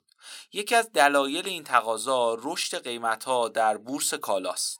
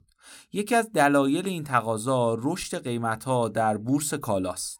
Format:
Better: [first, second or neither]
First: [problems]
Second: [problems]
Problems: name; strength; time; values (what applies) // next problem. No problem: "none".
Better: second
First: thin; somewhat; fading below 500 Hz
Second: none